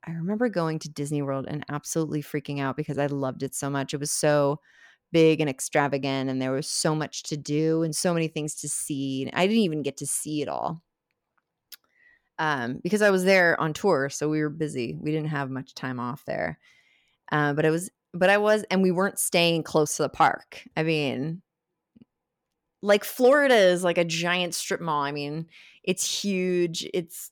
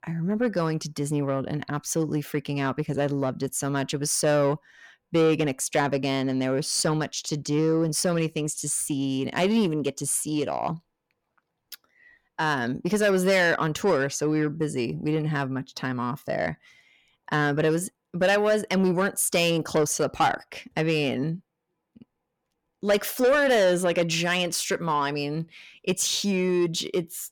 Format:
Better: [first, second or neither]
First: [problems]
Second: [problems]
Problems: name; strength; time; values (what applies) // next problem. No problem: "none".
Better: first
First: none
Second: distortion; slight; 10 dB below the speech